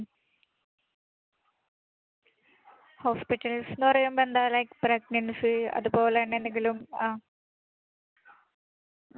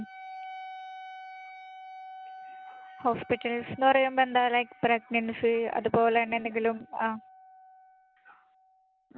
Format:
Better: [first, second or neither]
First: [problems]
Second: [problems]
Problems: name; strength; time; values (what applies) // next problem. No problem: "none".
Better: first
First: none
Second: background sound (Wind instrument, woodwind instrument); 18 dB below the speech